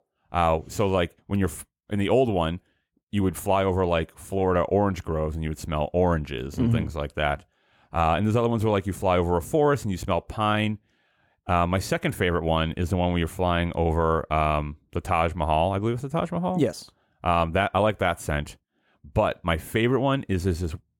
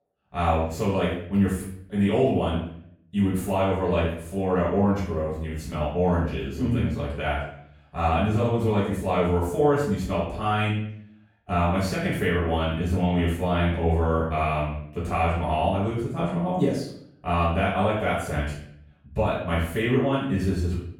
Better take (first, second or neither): first